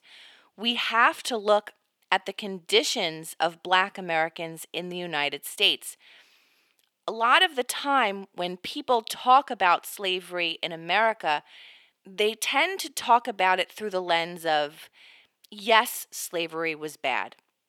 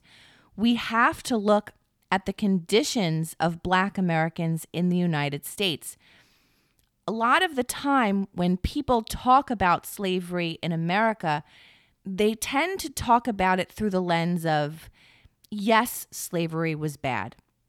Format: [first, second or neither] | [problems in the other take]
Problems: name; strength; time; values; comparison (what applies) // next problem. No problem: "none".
second | thin; somewhat; fading below 500 Hz